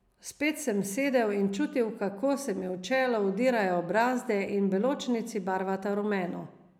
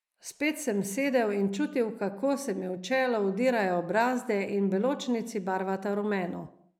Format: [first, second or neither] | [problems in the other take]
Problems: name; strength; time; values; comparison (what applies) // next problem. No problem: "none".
first | noise reduction (neural mask model Resemble Enhance denoiser)